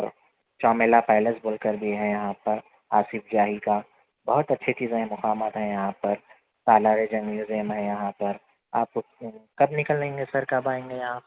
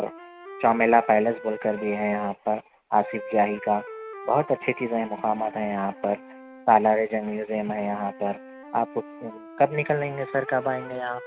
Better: first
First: none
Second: background sound (Wind instrument, woodwind instrument); 15 dB below the speech

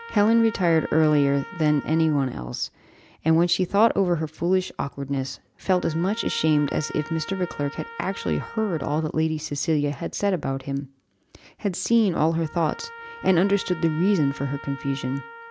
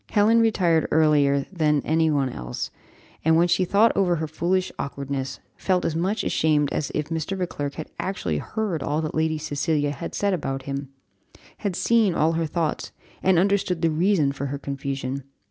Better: second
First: background sound (Trumpet); 18 dB below the speech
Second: none

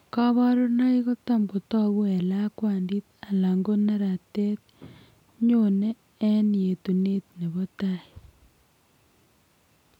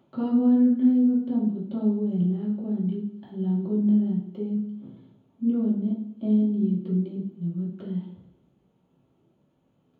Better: first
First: none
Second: room echo; dies away in 0.7 s

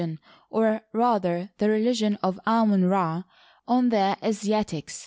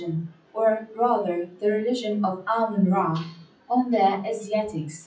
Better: first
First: none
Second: noise reduction (classical method WPE with log-MMSE)

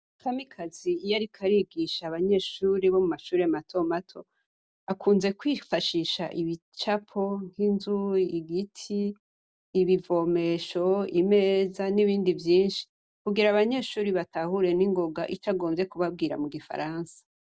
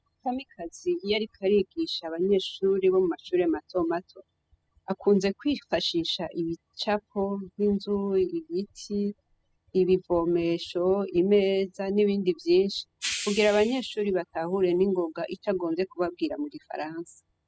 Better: first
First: none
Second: noise reduction (classical method spectral subtraction)

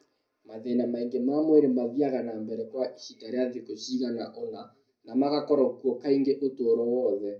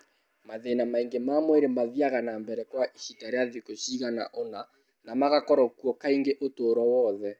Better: second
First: room echo; dies away in 0.4 s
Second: none

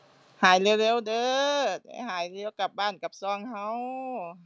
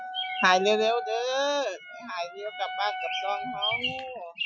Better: first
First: none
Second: noise reduction (classical method Wiener filter)

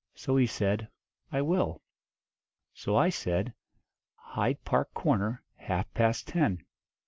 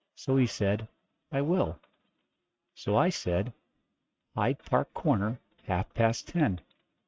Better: first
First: none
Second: noise reduction (neural mask model RNNoise)

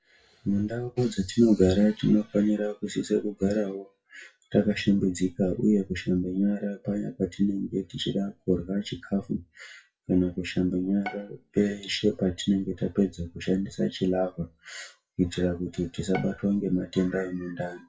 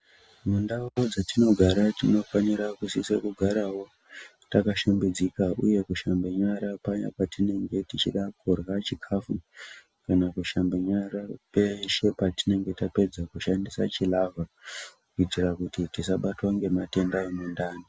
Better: second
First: noise reduction (classical method WPE with log-MMSE)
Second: none

